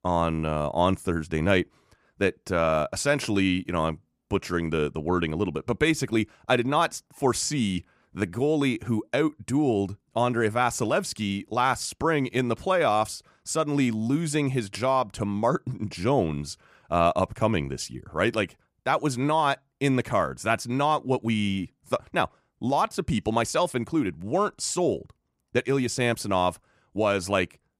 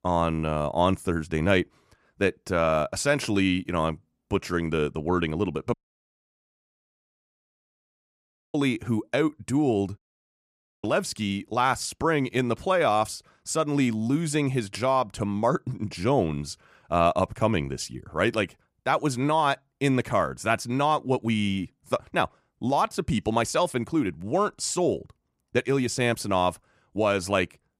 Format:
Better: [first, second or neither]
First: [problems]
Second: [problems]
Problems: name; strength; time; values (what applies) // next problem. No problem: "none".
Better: first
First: none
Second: audio cutting out; at 5.5 s for 3 s and at 10 s for 1 s